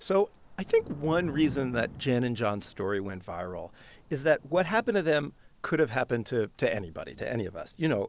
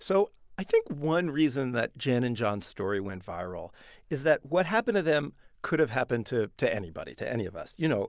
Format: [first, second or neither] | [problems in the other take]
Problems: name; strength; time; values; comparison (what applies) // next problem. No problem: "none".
second | background sound (Thunder / Rain); 19 dB below the speech